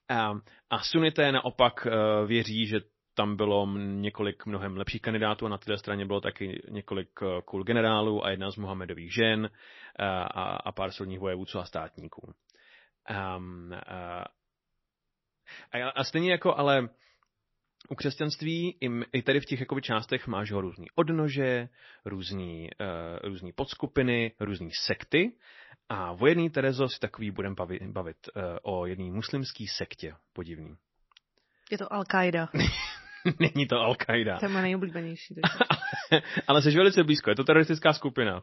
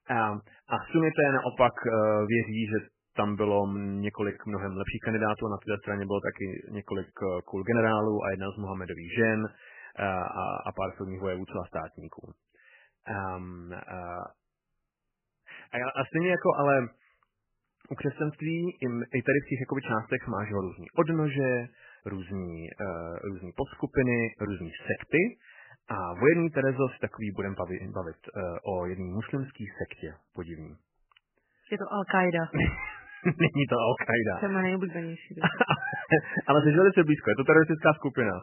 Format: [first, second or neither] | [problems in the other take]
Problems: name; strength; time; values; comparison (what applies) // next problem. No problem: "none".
first | garbled, watery; badly; nothing above 3 kHz; slightly in the first